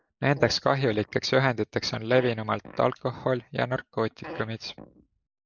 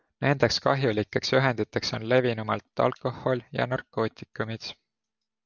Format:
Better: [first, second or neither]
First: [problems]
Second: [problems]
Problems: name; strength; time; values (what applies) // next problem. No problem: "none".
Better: second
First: noise reduction (neural mask model Resemble Enhance denoiser)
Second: none